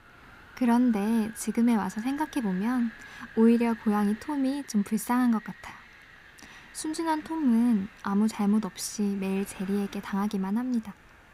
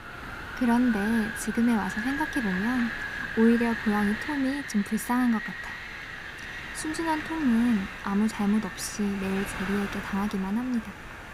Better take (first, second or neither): first